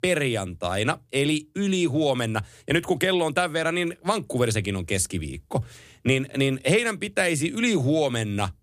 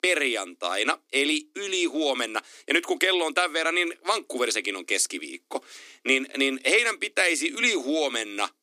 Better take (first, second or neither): first